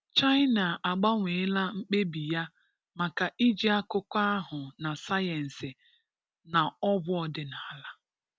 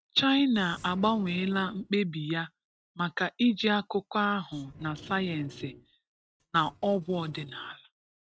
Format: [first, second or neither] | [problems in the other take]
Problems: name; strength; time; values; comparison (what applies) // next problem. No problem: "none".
first | noise reduction (neural mask model RNNoise)